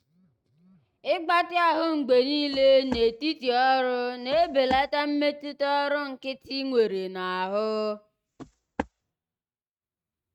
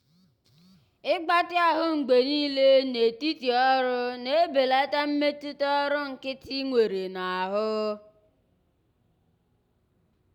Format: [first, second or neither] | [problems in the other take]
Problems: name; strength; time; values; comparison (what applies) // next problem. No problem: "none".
second | noise reduction (neural mask model RNNoise)